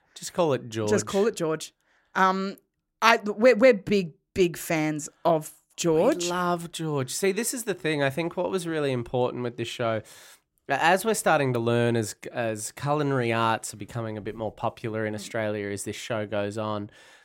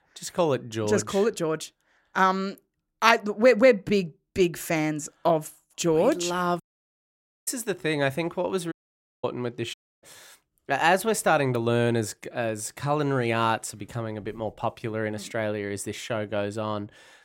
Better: first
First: none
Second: audio cutting out; at 6.5 s for 1 s, at 8.5 s for 0.5 s and at 9.5 s

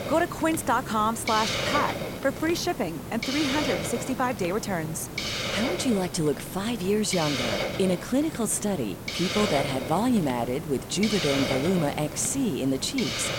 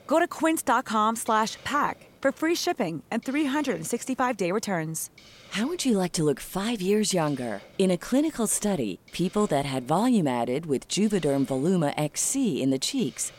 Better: second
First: hiss; loud; throughout; 4 dB below the speech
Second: hiss; faint; throughout; 25 dB below the speech

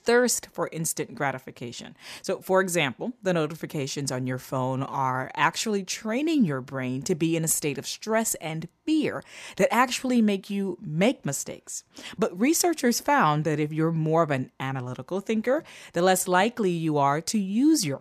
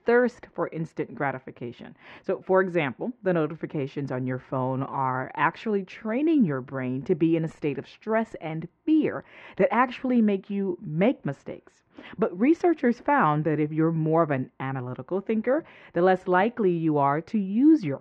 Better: first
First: none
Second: muffled; very; fading above 2 kHz

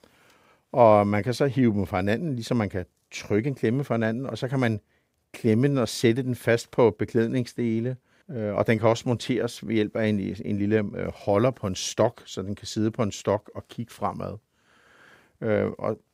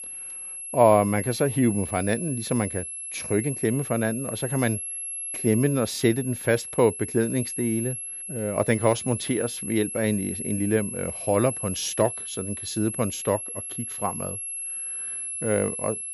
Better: first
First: none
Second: high-pitched whine; loud; throughout; 11 kHz, 6 dB below the speech

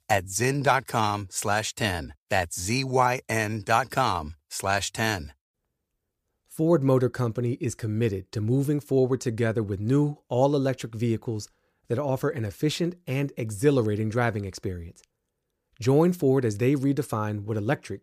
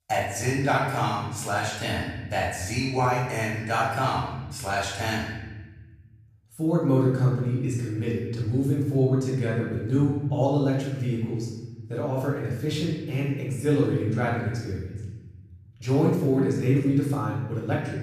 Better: first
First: none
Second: off-mic speech; far // room echo; noticeable; dies away in 1.4 s

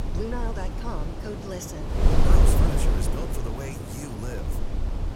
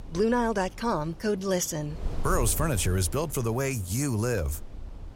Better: second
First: wind noise on the microphone; heavy; 2 dB above the speech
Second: wind noise on the microphone; occasional gusts; 20 dB below the speech

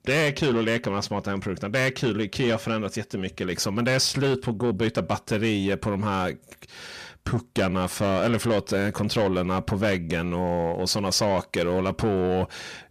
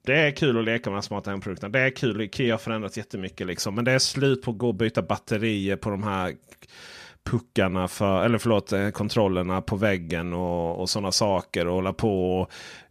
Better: second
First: distortion; slight; 10 dB below the speech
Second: none

